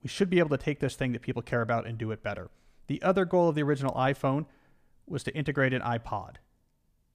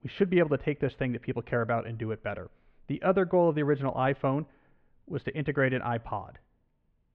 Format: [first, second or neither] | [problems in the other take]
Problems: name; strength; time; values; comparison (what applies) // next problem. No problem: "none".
first | muffled; very; fading above 3 kHz